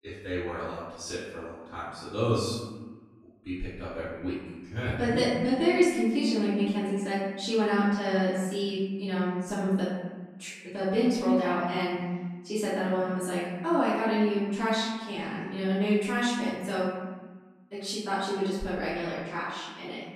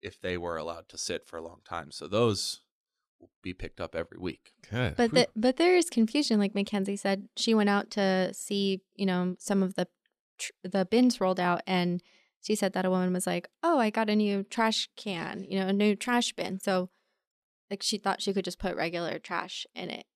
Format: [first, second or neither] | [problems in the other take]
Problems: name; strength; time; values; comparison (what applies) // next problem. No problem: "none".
second | off-mic speech; far // room echo; strong; dies away in 1.3 s